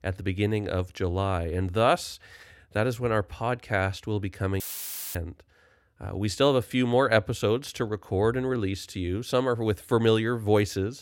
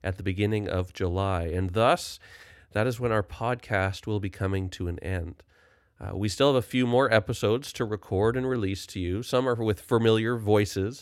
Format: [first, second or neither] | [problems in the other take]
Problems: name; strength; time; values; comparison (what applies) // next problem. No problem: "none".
second | audio cutting out; filled with static; at 4.5 s for 0.5 s